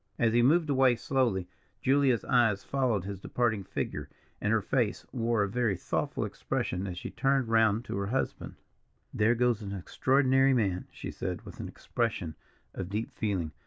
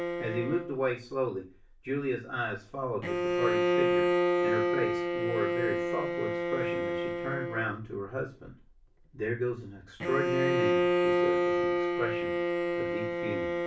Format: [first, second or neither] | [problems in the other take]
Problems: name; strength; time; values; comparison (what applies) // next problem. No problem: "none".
first | background sound (Bowed string instrument); 5 dB above the speech // room echo; dies away in 0.3 s